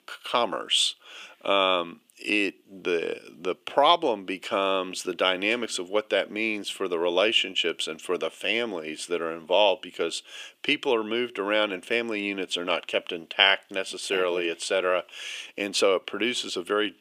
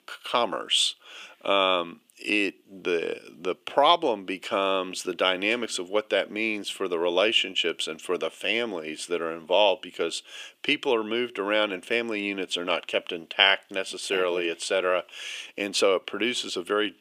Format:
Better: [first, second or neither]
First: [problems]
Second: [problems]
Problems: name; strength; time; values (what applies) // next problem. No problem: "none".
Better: neither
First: thin; somewhat; fading below 350 Hz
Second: thin; somewhat; fading below 350 Hz